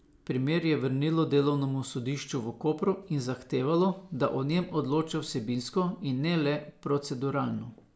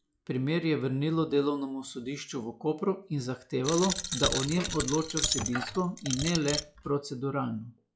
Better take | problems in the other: first | noise reduction (classical method log-MMSE)

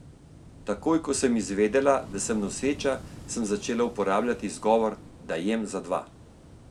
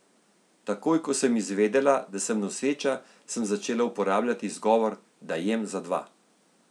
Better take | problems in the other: second | background sound (Waves, surf / Wind); 17 dB below the speech

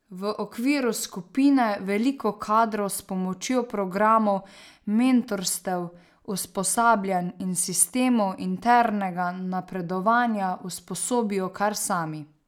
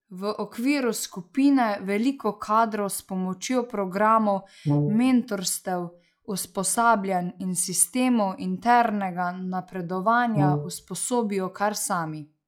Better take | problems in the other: first | noise reduction (classical method log-MMSE)

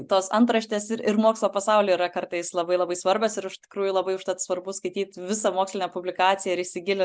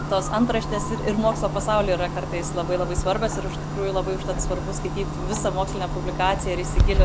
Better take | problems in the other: first | background sound (Clock); as loud as the speech

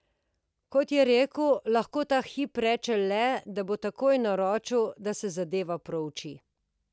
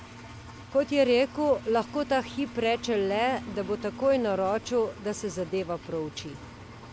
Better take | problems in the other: first | background sound (Engine); 15 dB below the speech

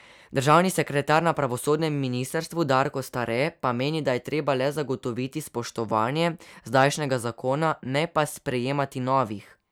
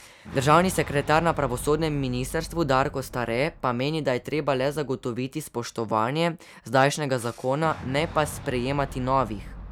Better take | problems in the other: first | background sound (Boom); 15 dB below the speech

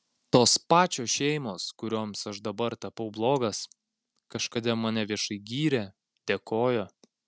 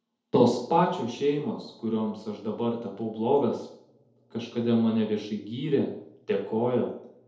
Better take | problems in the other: first | room echo; dies away in 2.1 s

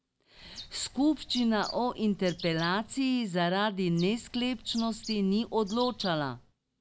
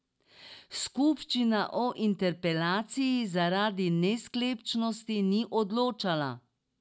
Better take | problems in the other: second | background sound (Bird); 16 dB below the speech

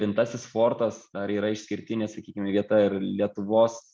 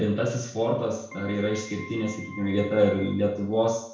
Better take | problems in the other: first | background sound (Keyboard (musical)); 17 dB below the speech // room echo; dies away in 0.5 s

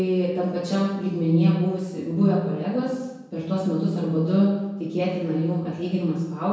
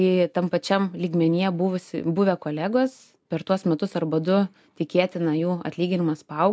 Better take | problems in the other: second | room echo; dies away in 1 s

